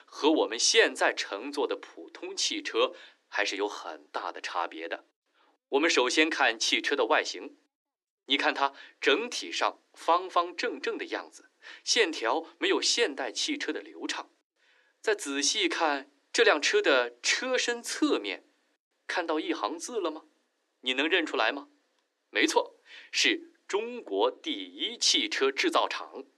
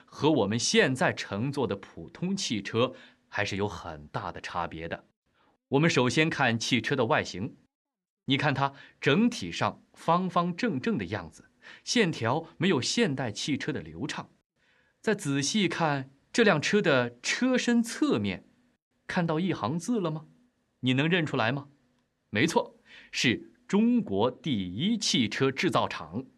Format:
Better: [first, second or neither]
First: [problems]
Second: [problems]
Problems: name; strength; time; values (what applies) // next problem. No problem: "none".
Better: second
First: thin; somewhat; fading below 300 Hz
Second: none